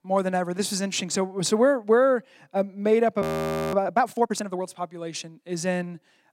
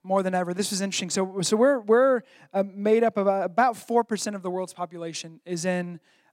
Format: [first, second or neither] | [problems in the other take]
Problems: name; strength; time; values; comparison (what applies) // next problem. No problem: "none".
second | audio freezing; at 3 s for 0.5 s